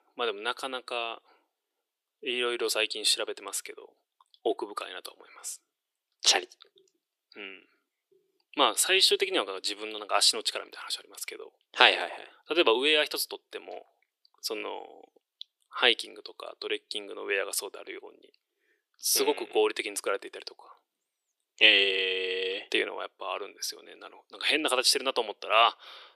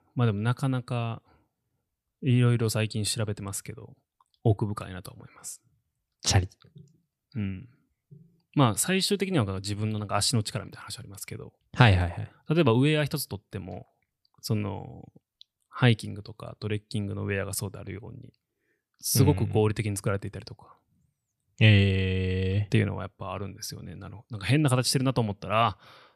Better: second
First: thin; very; fading below 350 Hz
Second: none

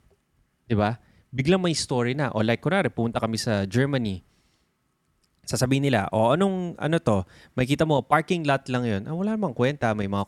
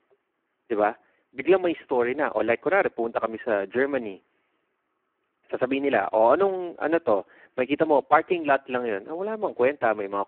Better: first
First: none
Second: phone-call audio; poor line

